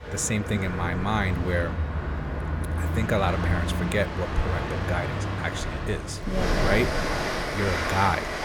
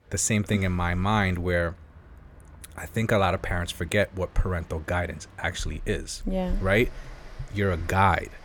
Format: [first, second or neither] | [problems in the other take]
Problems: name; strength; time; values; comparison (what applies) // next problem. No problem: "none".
second | train or aircraft noise; loud; throughout; 1 dB below the speech; faint in the second